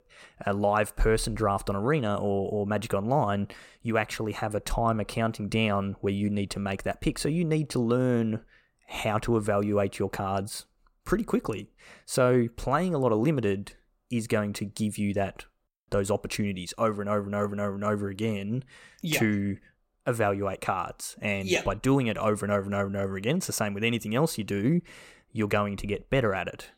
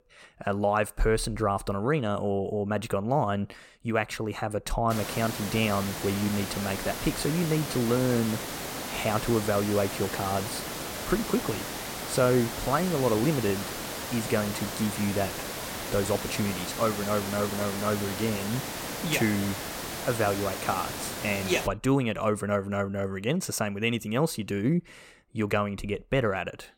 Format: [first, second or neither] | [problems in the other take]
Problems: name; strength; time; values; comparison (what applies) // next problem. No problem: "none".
first | hiss; loud; from 5 to 22 s; 5 dB below the speech